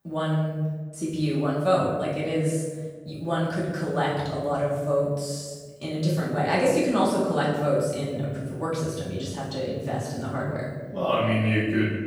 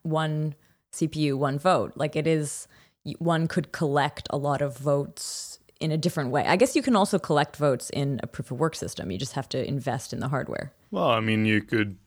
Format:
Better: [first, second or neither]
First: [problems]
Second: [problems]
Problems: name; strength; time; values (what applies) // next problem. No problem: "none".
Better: second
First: off-mic speech; far // room echo; noticeable; dies away in 1.3 s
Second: none